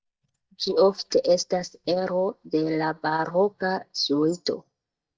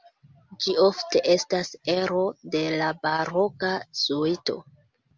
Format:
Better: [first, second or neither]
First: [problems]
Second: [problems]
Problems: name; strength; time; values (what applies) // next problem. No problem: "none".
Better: second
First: noise reduction (neural mask model DeepFilterNet 3)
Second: none